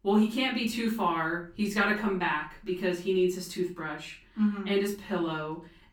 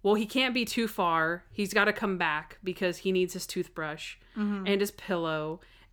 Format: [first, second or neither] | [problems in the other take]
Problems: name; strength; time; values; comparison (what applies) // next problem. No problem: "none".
second | off-mic speech; far // room echo; slight; dies away in 0.3 s